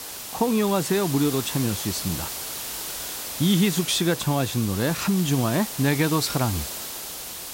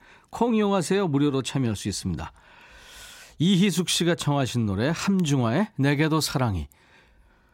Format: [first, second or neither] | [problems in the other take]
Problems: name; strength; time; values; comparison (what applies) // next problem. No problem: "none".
second | hiss; loud; throughout; 7 dB below the speech